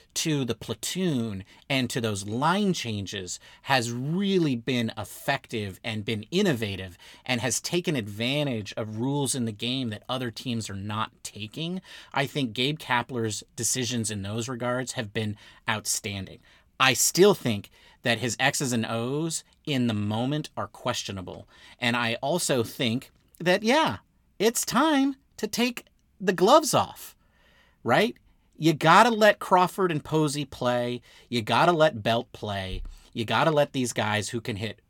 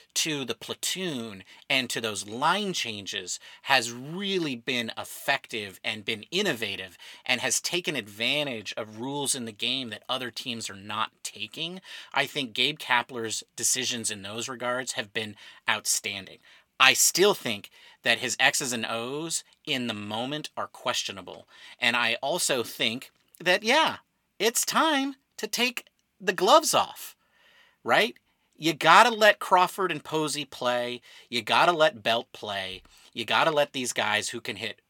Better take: first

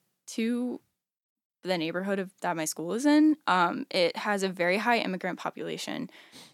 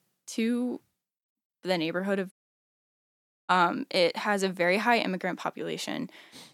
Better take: first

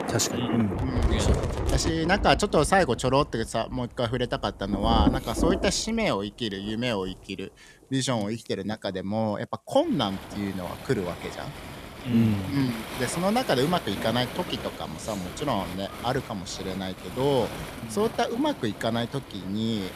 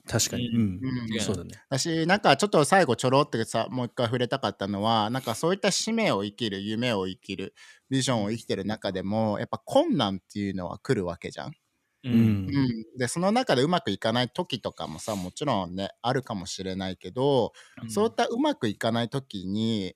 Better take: second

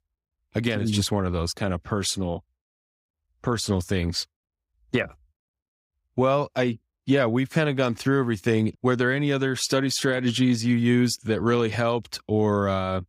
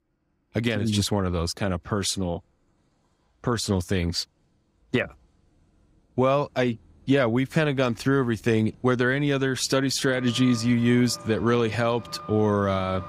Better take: first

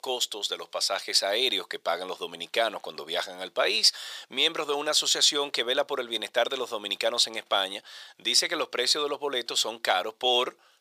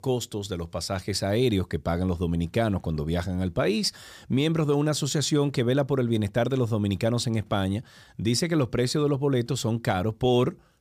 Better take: second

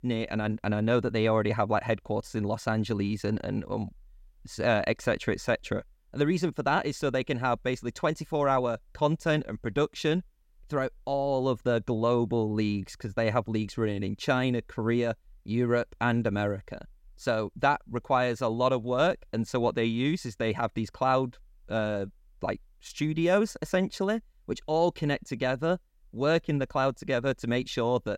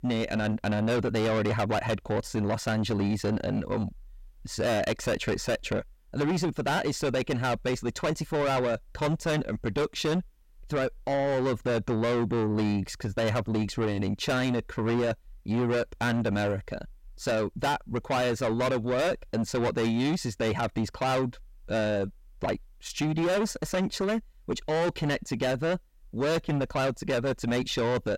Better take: first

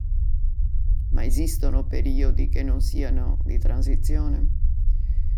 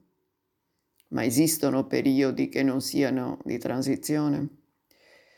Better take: second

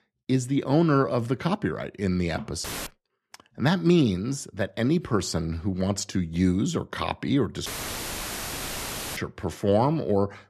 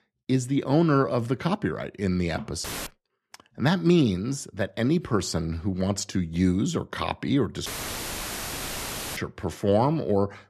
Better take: neither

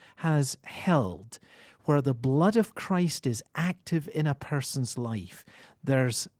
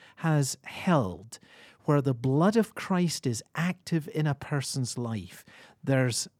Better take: second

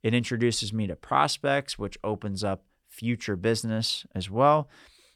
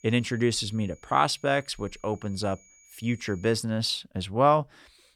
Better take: first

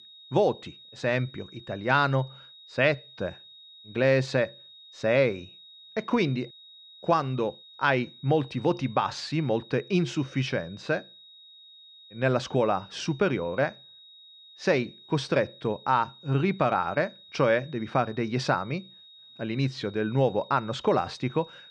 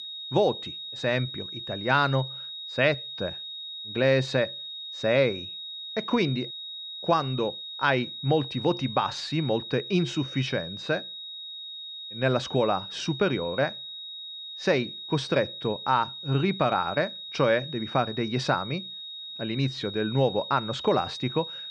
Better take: first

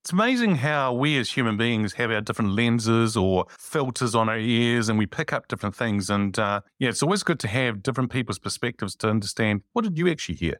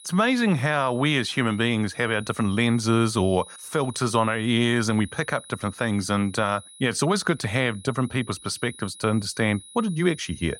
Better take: first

